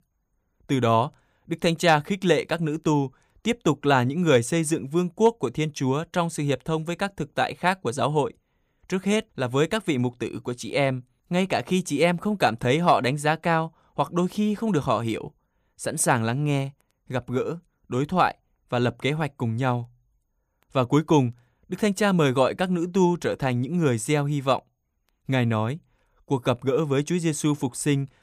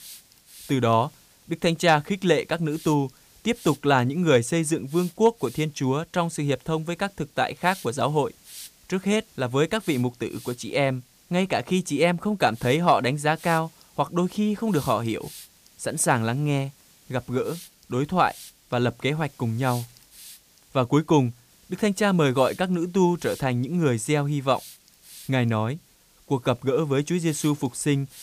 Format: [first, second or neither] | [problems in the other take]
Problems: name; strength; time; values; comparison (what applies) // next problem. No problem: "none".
first | hiss; faint; throughout; 20 dB below the speech